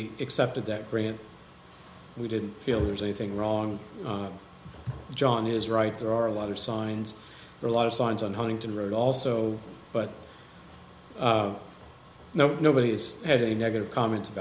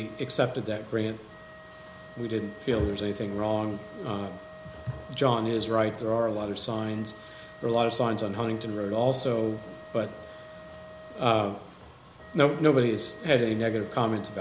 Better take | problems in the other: first | background sound (Wind instrument, woodwind instrument); 19 dB below the speech

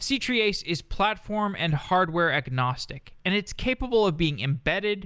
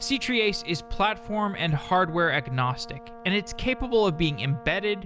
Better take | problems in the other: first | background sound (Brass instrument); 17 dB below the speech

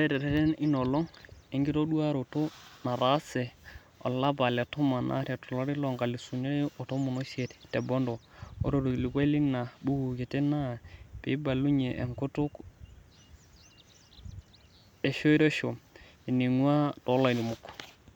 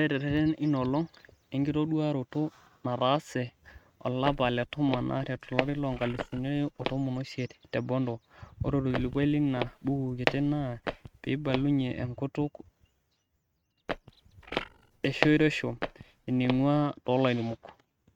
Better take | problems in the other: first | noise reduction (neural mask model RNNoise)

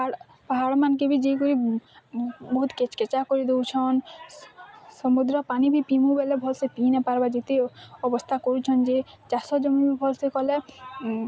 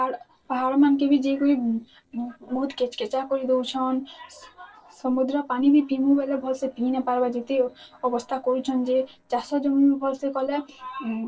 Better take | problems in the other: first | noise reduction (neural separator model SepFormer DNS4)

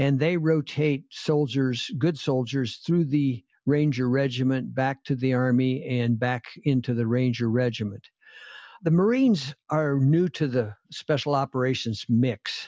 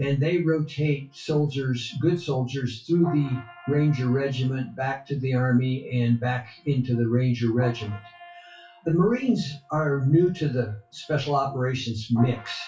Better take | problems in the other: first | noise reduction (classical method WPE with log-MMSE)

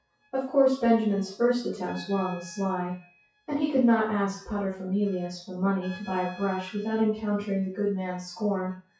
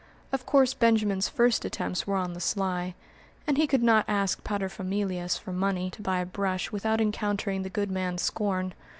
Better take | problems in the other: second | noise reduction (classical method WPE with log-MMSE)

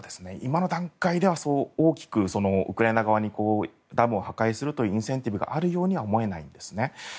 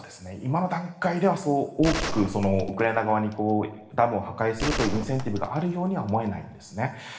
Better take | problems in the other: first | background sound (Gunshot, gunfire); 8 dB below the speech // room echo; dies away in 0.8 s

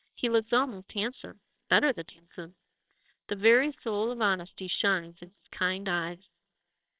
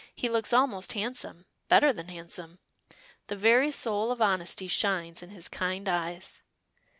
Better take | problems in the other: second | noise reduction (neural separator model SepFormer WHAMR!)

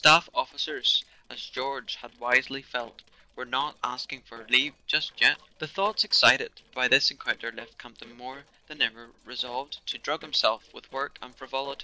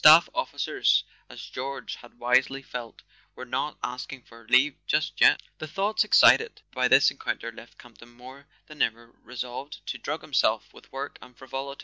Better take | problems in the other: second | noise reduction (neural separator model SepFormer DNS4)

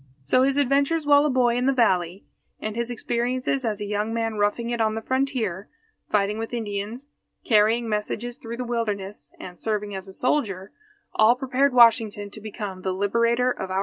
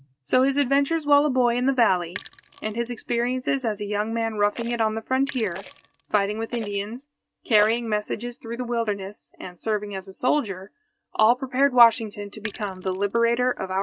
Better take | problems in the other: first | noise reduction (neural mask model RNNoise)

